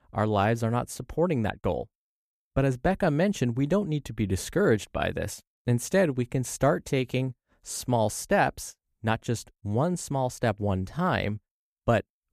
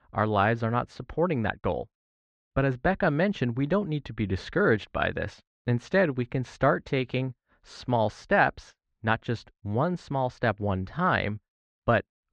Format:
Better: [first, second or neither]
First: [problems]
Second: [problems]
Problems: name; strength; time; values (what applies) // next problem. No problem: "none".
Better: first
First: none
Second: muffled; slightly; fading above 4 kHz